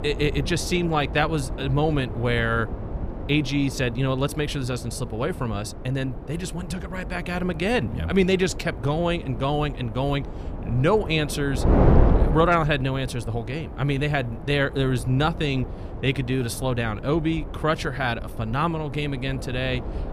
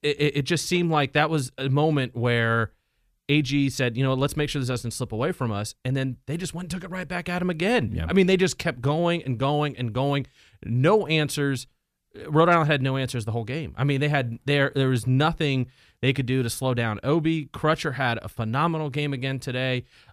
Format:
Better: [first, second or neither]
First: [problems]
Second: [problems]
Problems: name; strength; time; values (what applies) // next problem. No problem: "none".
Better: second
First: wind noise on the microphone; heavy; 10 dB below the speech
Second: none